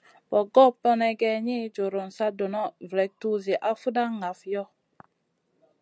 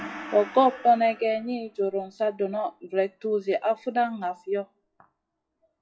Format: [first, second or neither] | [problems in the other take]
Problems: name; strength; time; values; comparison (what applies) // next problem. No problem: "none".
first | noise reduction (classical method WPE with log-MMSE)